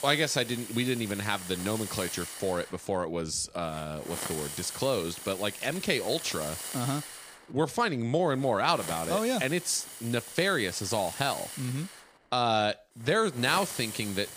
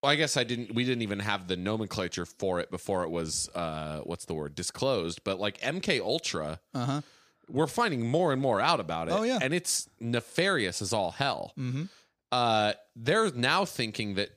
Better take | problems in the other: second | hiss; loud; throughout; 9 dB below the speech

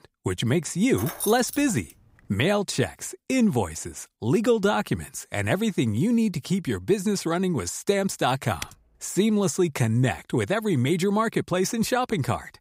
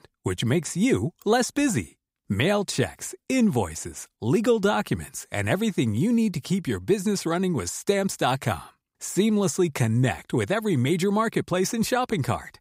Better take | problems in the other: second | jangling keys; noticeable; at 1 s; peak 6 dB below the speech // keyboard typing; very faint; at 8.5 s; peak 15 dB below the speech

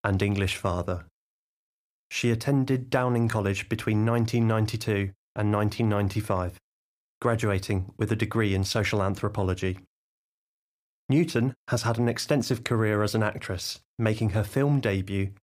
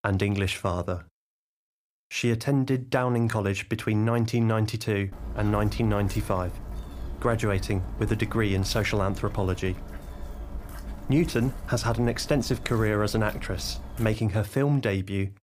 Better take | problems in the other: first | footsteps; faint; from 5 to 14 s; peak 10 dB below the speech

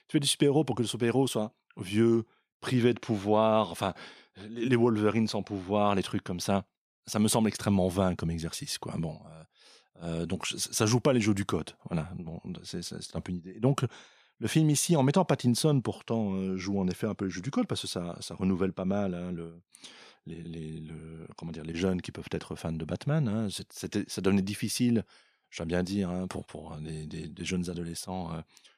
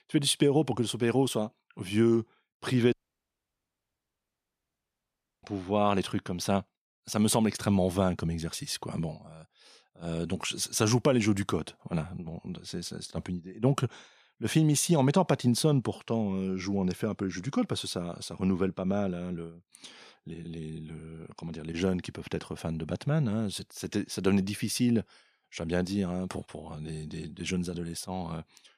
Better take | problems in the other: first | audio cutting out; at 3 s for 2.5 s

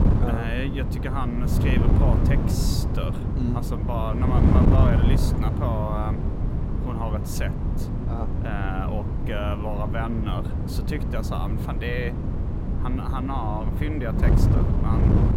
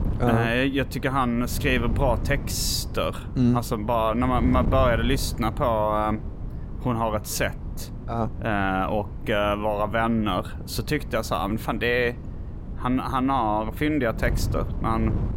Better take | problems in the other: second | wind noise on the microphone; heavy; 2 dB below the speech; occasional gusts in the second

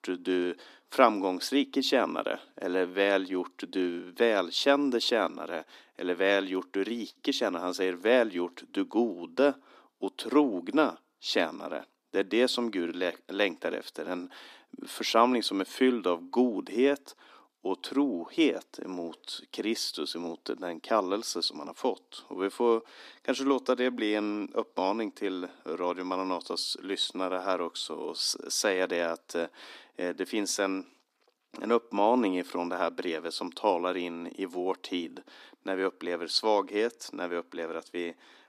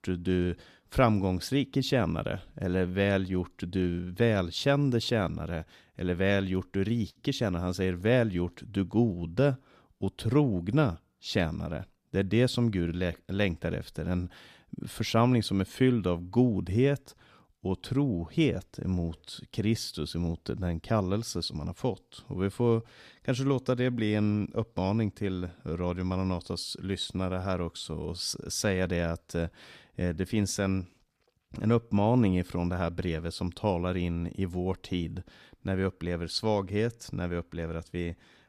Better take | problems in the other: second | thin; somewhat; fading below 250 Hz

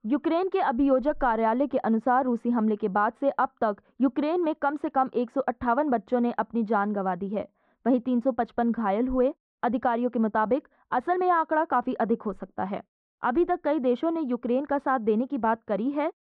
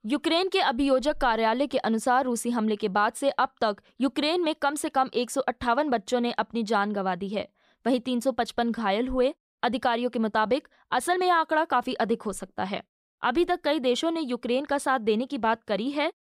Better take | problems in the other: second | muffled; very; fading above 1 kHz

